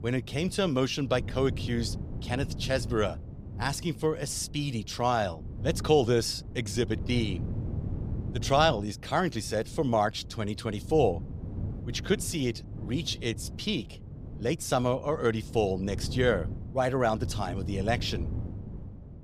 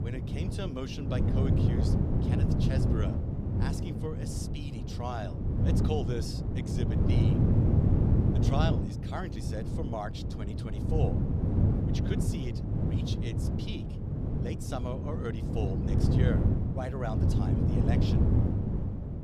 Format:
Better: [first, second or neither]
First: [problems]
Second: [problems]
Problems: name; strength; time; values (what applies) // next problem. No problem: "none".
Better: first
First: wind noise on the microphone; occasional gusts; 20 dB below the speech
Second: wind noise on the microphone; heavy; 2 dB above the speech